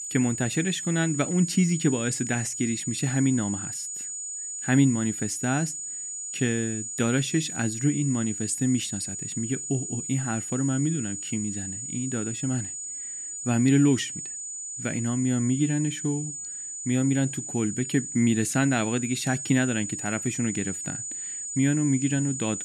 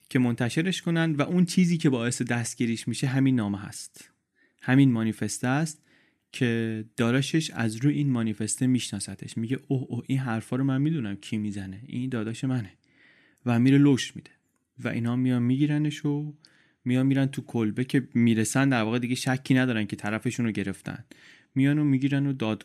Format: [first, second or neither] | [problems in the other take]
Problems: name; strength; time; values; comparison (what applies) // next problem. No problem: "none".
second | high-pitched whine; loud; throughout; 7 kHz, 5 dB below the speech